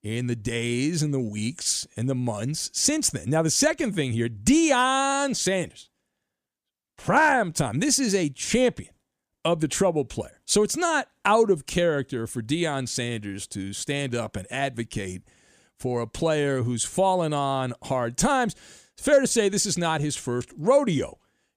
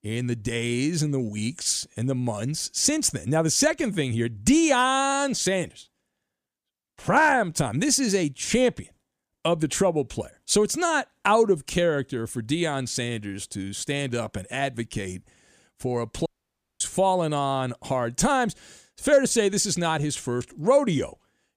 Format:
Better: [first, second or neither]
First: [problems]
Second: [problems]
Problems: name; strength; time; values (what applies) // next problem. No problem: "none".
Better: first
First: none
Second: audio cutting out; at 16 s for 0.5 s